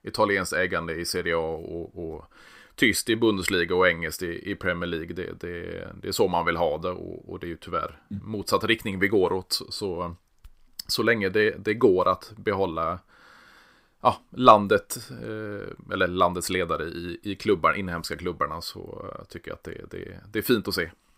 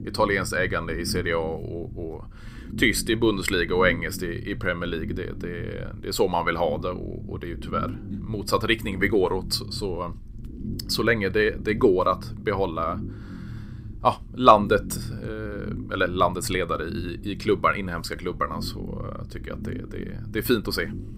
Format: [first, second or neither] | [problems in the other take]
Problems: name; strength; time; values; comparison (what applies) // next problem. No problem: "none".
first | low rumble; faint; throughout; 20 dB below the speech